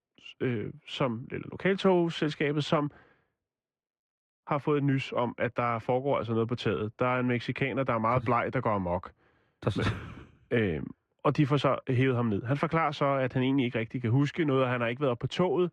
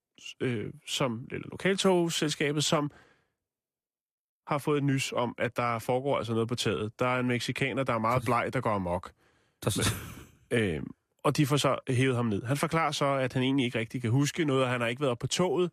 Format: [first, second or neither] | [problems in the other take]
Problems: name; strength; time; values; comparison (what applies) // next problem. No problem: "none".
second | muffled; slightly; fading above 2.5 kHz